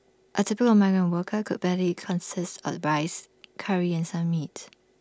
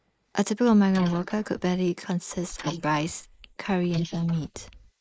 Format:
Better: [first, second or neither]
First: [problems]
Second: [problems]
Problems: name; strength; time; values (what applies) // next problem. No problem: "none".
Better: first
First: none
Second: noise reduction (neural mask model Resemble Enhance denoiser)